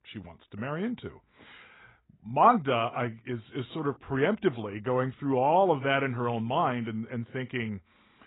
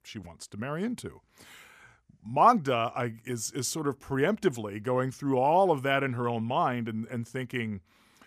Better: second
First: garbled, watery; badly; nothing above 3.5 kHz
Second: none

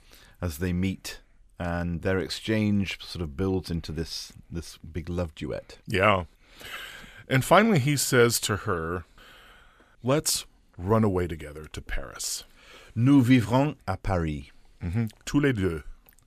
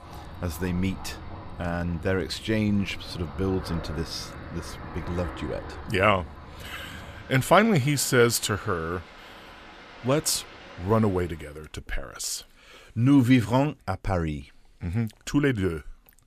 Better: first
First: none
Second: rain or running water; noticeable; until 11 s; 15 dB below the speech

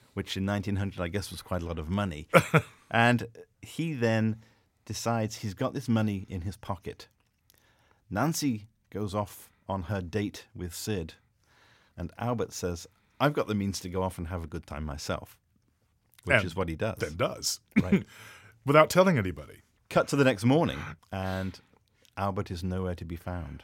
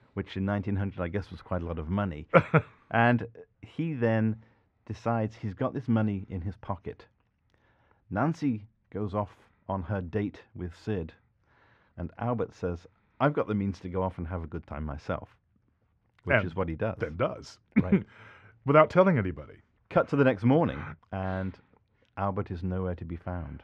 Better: first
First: none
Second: muffled; very; fading above 2 kHz

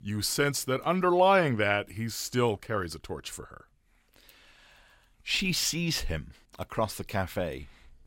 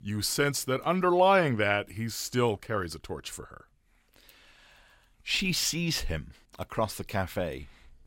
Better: neither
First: none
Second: none

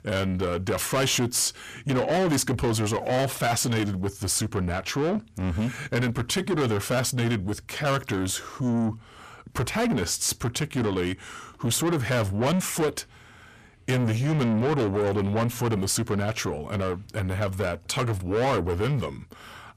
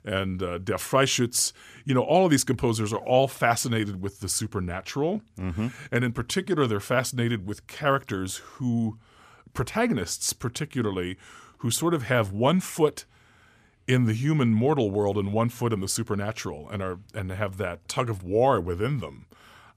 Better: second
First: distortion; heavy; 7 dB below the speech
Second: none

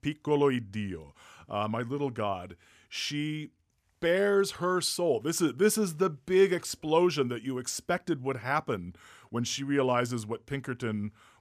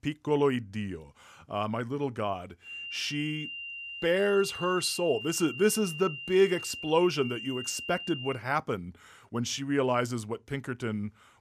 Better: first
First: none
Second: high-pitched whine; loud; from 2.5 to 8.5 s; 3 kHz, 8 dB below the speech

